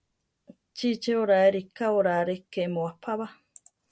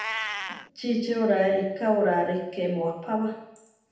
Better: first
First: none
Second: background sound (Meow); 13 dB below the speech // room echo; dies away in 0.8 s

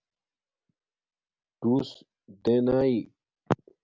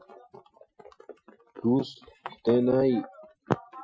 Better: first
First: none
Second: noise reduction (classical method Wiener filter)

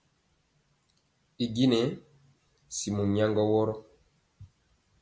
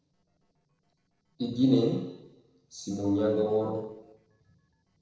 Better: first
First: none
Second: noise reduction (neural separator model SepFormer DNS4)

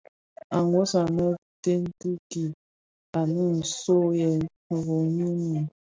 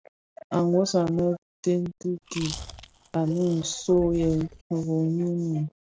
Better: first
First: none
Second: background sound (Chewing, mastication); 15 dB below the speech

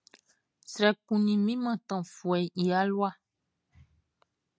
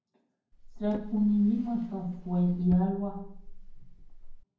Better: first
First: none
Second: background sound (Drawer open or close); 13 dB below the speech // room echo; dies away in 0.9 s

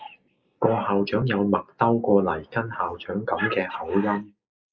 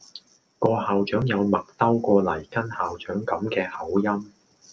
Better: second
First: noise reduction (neural mask model Resemble Enhance denoiser)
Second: none

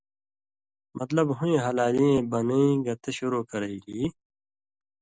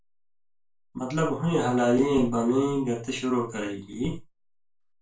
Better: first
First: none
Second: room echo; dies away in 0.2 s

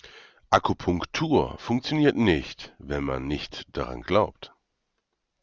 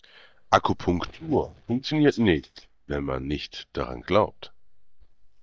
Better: first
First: none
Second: noise reduction (neural mask model DeepFilterNet 3)

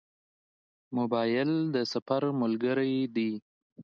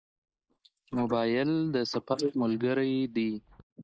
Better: first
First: none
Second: noise reduction (neural mask model Resemble Enhance denoiser)

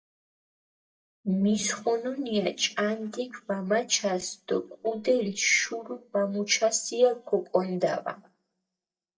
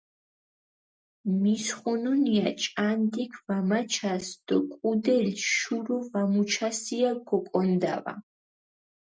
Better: second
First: noise reduction (neural mask model DeepFilterNet 3)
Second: none

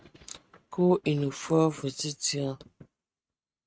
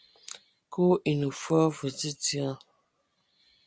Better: second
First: noise reduction (neural mask model RNNoise)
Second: none

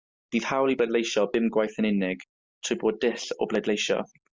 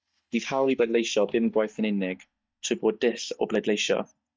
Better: first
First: none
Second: noise reduction (neural mask model DeepFilterNet 3)

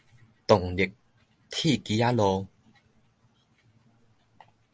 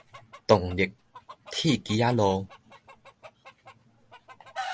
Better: first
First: none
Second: background sound (Chicken, rooster); 16 dB below the speech

